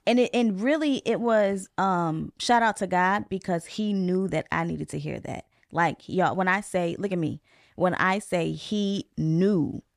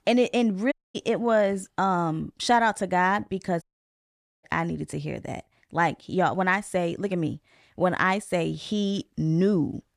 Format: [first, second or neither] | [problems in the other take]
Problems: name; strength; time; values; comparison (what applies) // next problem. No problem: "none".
first | audio cutting out; at 0.5 s and at 3.5 s for 1 s